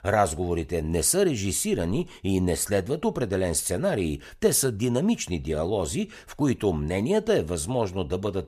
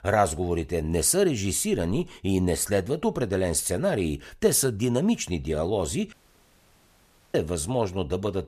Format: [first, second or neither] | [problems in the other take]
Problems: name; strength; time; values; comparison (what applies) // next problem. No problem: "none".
first | audio cutting out; at 6 s for 1 s